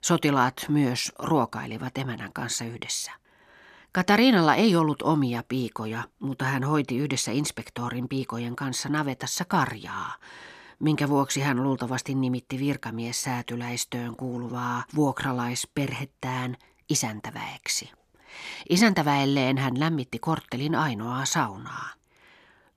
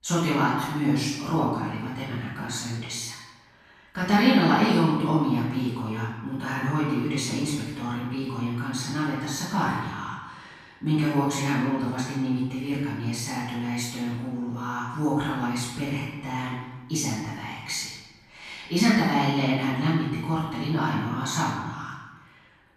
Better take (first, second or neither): first